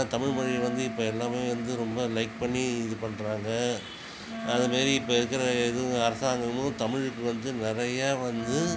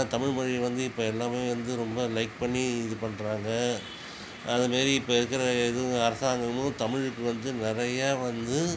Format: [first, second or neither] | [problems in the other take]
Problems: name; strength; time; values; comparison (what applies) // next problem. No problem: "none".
second | background sound (Wind instrument, woodwind instrument); 11 dB below the speech